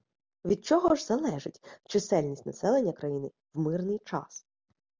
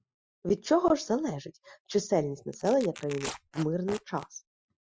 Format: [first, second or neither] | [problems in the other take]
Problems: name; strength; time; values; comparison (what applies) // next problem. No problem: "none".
first | noise reduction (classical method Wiener filter)